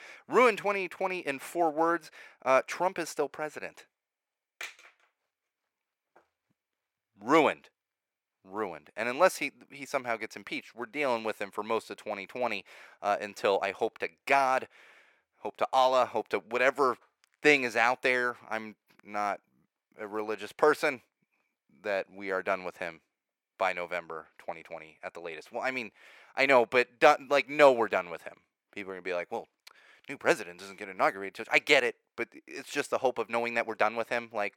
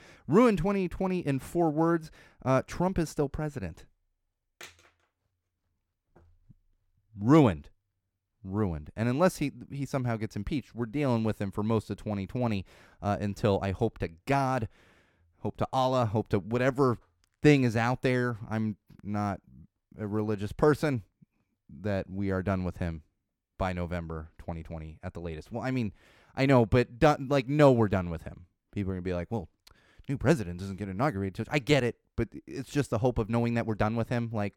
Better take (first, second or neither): second